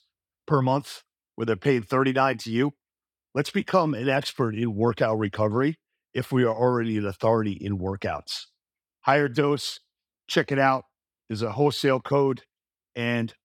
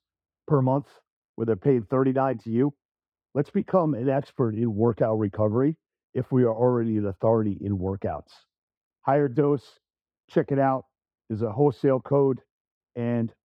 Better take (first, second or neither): first